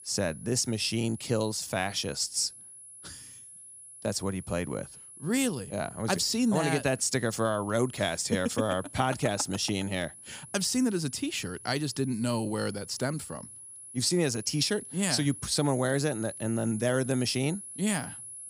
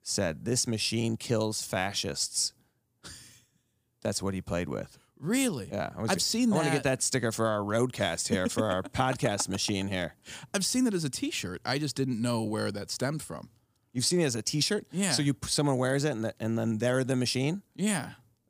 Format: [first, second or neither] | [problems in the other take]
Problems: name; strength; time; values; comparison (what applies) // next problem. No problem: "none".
second | high-pitched whine; noticeable; throughout; 10.5 kHz, 15 dB below the speech